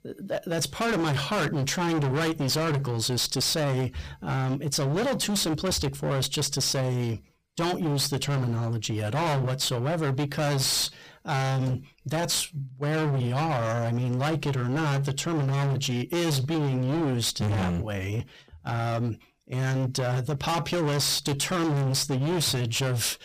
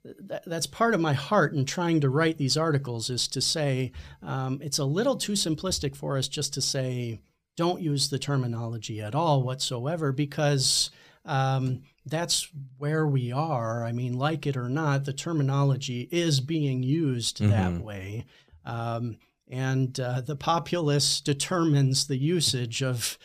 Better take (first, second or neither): second